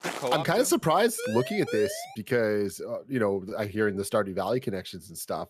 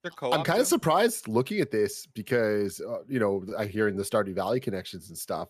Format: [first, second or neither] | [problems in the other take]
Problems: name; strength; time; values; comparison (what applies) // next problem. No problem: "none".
second | footsteps; noticeable; at the start; peak 8 dB below the speech // siren; noticeable; at 1 s; peak 7 dB below the speech